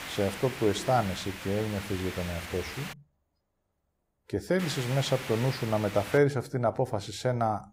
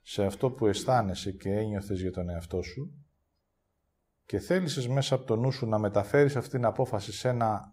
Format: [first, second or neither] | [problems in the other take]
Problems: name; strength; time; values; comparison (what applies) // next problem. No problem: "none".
second | hiss; very faint; until 3 s and from 4.5 to 6 s; 10 dB below the speech